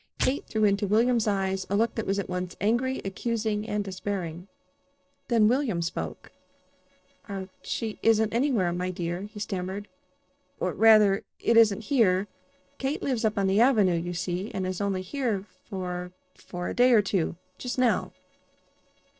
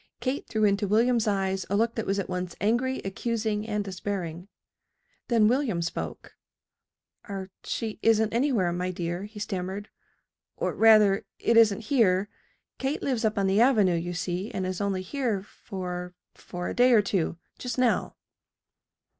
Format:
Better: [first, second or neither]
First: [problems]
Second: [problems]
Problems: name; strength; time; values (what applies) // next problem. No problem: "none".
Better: second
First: noise reduction (neural separator model SepFormer DNS4)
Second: none